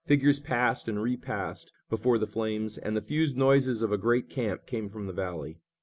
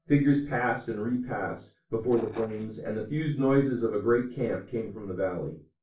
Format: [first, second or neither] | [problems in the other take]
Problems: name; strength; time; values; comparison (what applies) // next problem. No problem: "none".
first | noise reduction (neural separator model SepFormer DNS4)